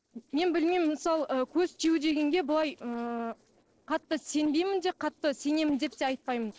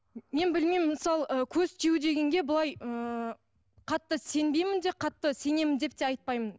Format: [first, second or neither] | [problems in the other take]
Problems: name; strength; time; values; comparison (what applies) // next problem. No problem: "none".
second | noise reduction (neural separator model SepFormer DNS4)